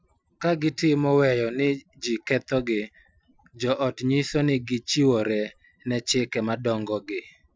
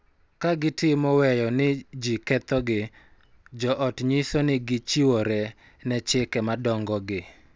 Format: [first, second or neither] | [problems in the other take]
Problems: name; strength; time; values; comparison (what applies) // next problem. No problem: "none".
second | noise reduction (classical method Wiener filter)